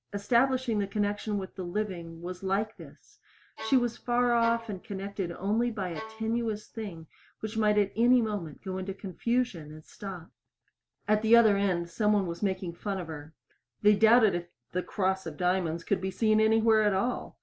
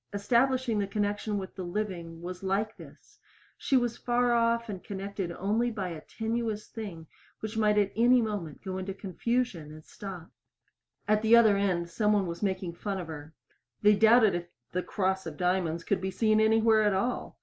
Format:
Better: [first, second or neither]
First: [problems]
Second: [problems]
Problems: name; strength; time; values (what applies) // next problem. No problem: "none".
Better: second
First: background sound (Bowed string instrument); 16 dB below the speech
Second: none